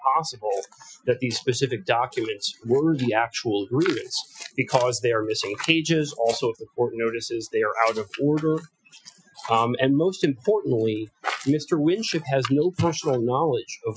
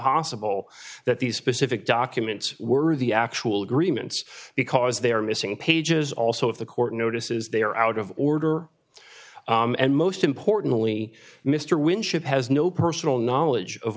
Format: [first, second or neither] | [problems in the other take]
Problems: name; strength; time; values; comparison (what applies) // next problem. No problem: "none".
second | noise reduction (classical method Wiener filter)